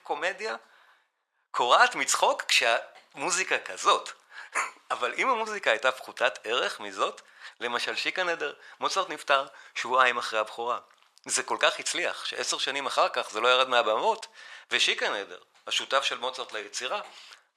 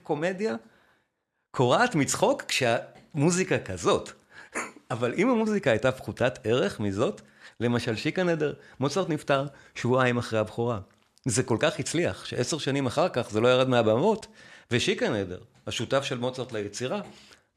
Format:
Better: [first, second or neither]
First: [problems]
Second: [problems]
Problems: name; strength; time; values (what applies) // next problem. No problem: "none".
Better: second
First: thin; very; fading below 800 Hz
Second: none